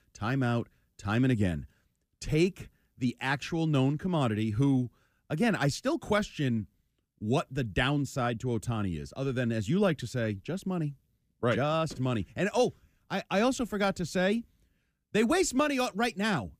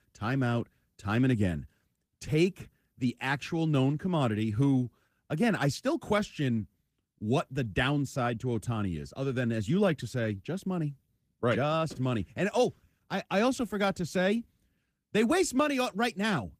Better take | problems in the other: first | garbled, watery; slightly; nothing above 15 kHz

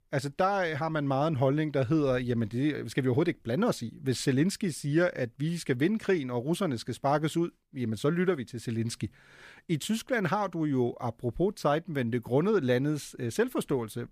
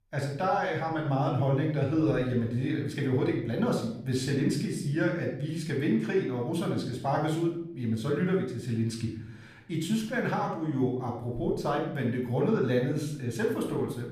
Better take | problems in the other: first | off-mic speech; somewhat distant // room echo; noticeable; dies away in 0.6 s

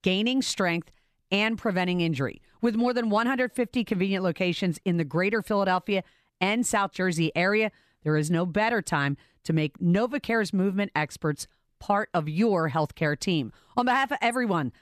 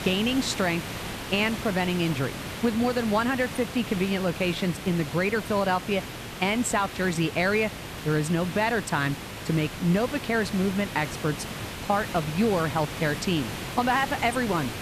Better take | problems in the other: first | hiss; loud; throughout; 8 dB below the speech

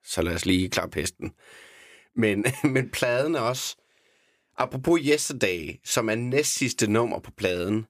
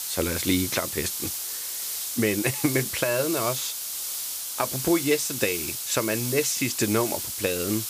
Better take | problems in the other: first | hiss; loud; throughout; 2 dB below the speech

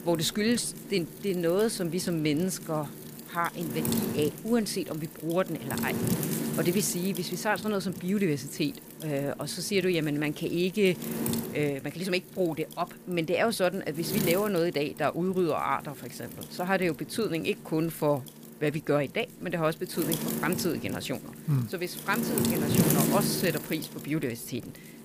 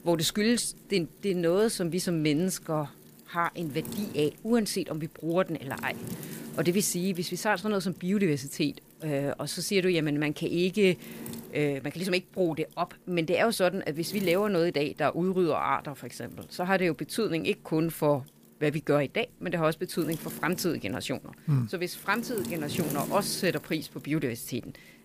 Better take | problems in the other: second | wind noise on the microphone; heavy; 7 dB below the speech; occasional gusts in the second

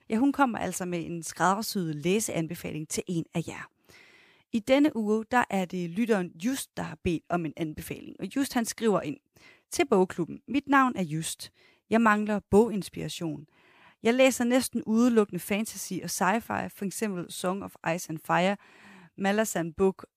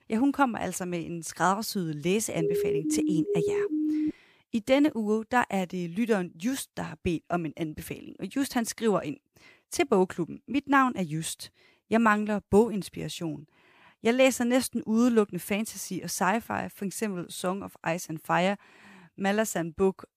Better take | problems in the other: first | siren; loud; from 2.5 to 4 s; peak level with the speech

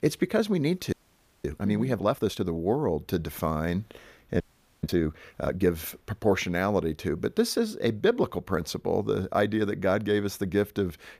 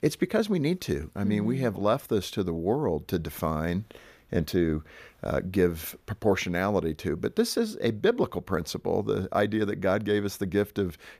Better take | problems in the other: second | audio freezing; at 1 s for 0.5 s and at 4.5 s

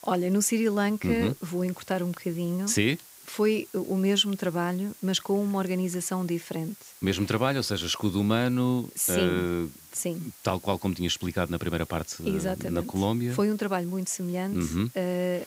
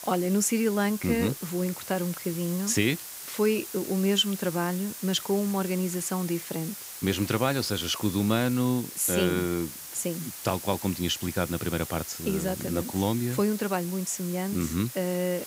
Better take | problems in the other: first | hiss; loud; throughout; 10 dB below the speech; faint in the first

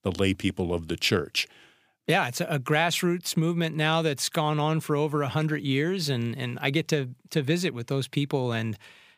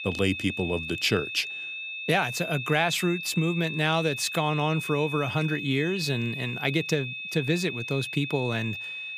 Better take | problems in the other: first | high-pitched whine; loud; throughout; 2.5 kHz, 6 dB below the speech

